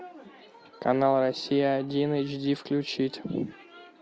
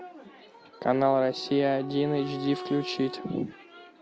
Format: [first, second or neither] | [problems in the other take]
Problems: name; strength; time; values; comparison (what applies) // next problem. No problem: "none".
first | background sound (Wind instrument, woodwind instrument); 13 dB below the speech